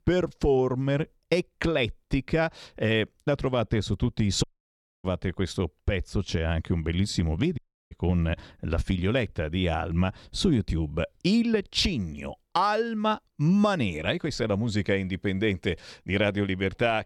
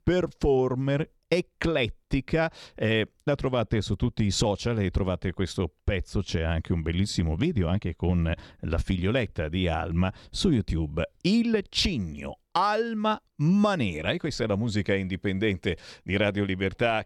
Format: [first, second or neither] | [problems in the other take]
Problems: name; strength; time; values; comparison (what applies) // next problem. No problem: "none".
second | audio cutting out; at 4.5 s for 0.5 s and at 7.5 s